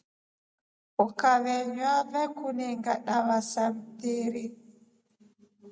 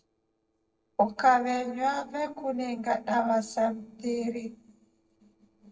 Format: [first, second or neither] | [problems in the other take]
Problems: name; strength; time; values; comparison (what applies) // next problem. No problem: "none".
first | noise reduction (neural separator model SepFormer DNS4)